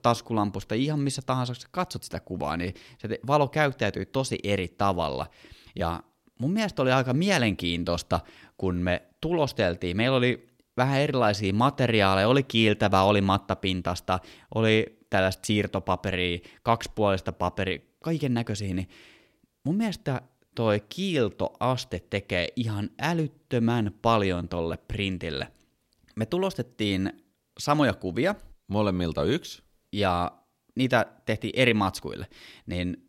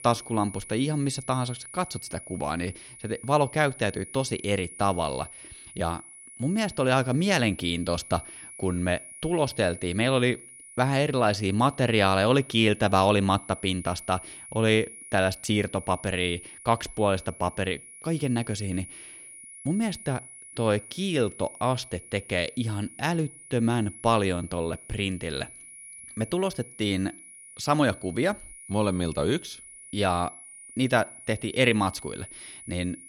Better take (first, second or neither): first